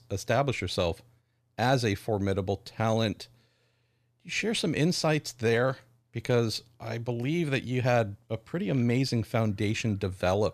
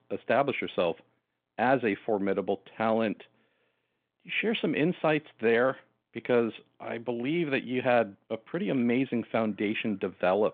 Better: first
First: none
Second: phone-call audio

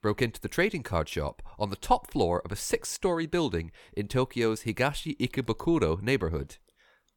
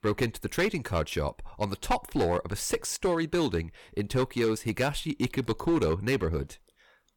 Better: first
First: none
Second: distortion; slight; 6% of the sound clipped

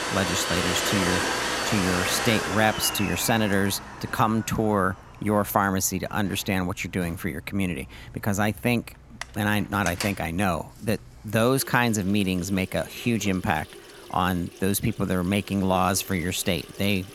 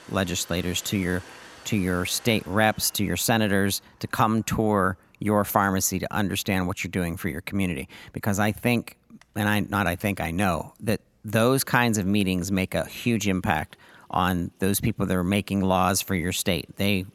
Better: second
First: household noises; loud; throughout; 3 dB below the speech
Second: household noises; faint; throughout; 25 dB below the speech

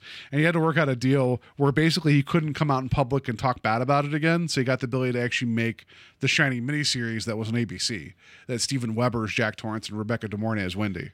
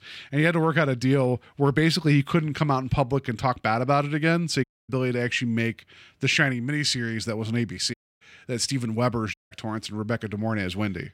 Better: first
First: none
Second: audio cutting out; at 4.5 s, at 8 s and at 9.5 s

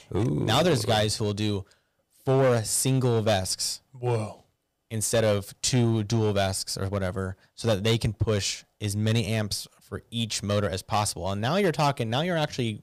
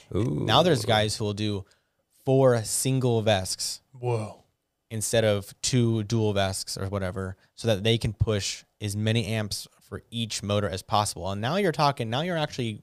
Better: second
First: distortion; slight; 5% of the sound clipped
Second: none

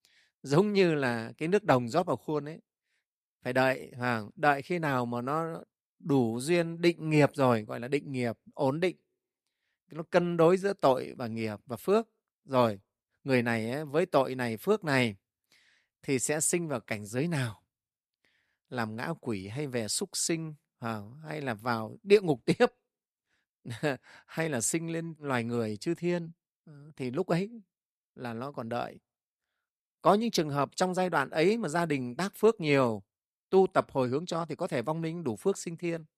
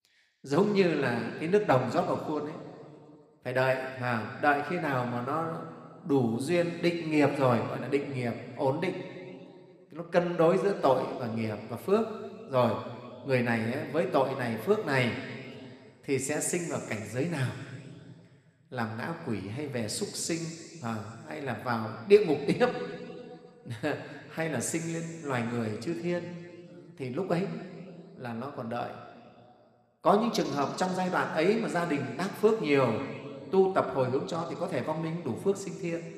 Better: first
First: none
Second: room echo; slight; dies away in 2.2 s

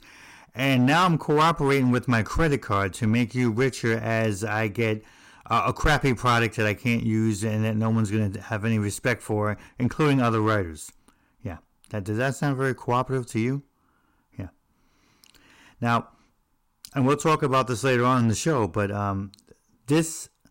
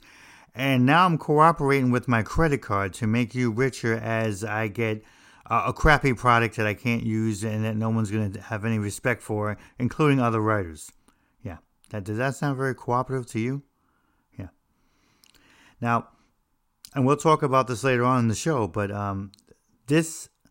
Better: second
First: distortion; slight; 4% of the sound clipped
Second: none

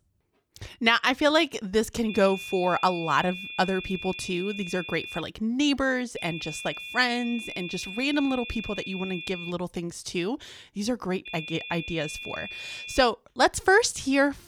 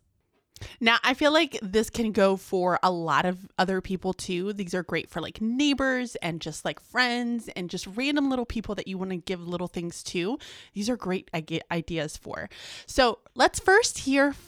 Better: second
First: high-pitched whine; loud; from 2 to 5 s, from 6 to 9.5 s and from 11 to 13 s; 2.5 kHz, 10 dB below the speech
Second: none

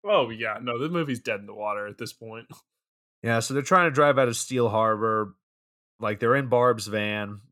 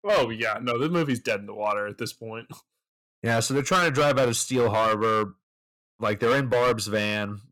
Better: first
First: none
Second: distortion; heavy; 8% of the sound clipped

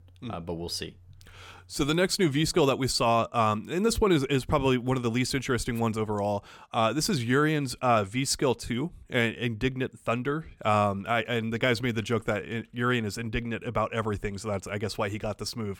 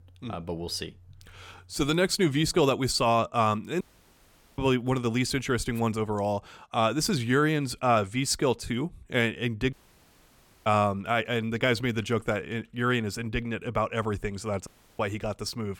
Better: first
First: none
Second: audio cutting out; at 4 s for 1 s, at 9.5 s for 1 s and at 15 s

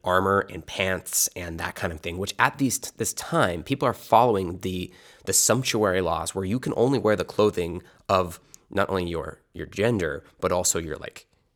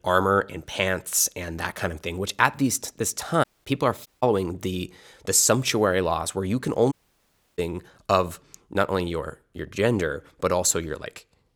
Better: first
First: none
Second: audio cutting out; at 3.5 s, at 4 s and at 7 s for 0.5 s

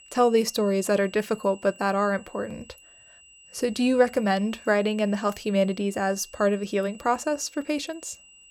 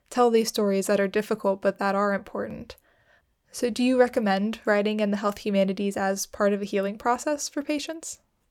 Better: second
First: high-pitched whine; faint; throughout; 3 kHz, 25 dB below the speech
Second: none

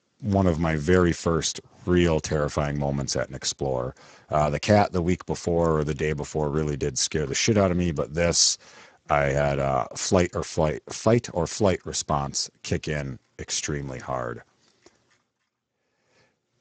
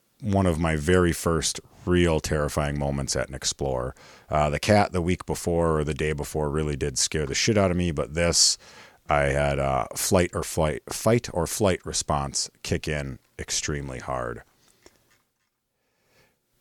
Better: second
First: garbled, watery; badly; nothing above 7.5 kHz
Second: none

